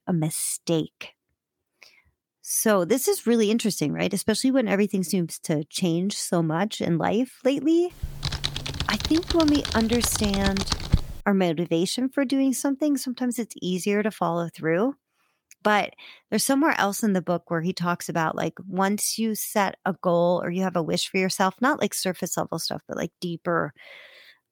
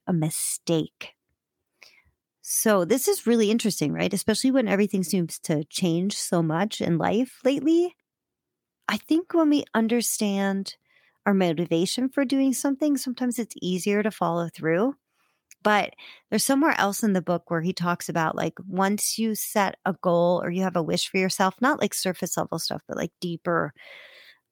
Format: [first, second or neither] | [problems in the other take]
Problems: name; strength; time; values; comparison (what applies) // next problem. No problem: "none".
second | keyboard typing; noticeable; from 8 to 11 s; peak 1 dB below the speech